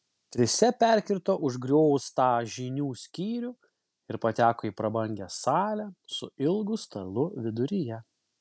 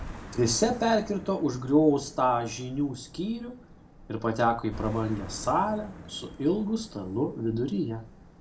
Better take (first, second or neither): first